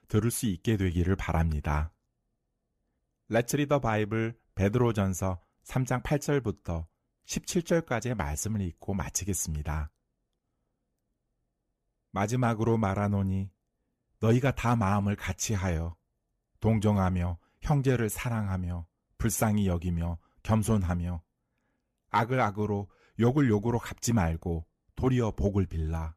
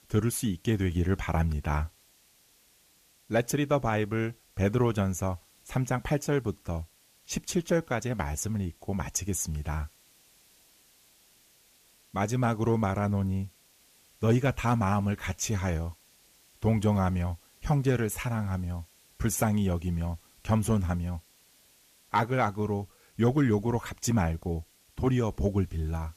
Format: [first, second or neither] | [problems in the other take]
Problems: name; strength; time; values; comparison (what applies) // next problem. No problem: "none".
first | hiss; faint; throughout; 30 dB below the speech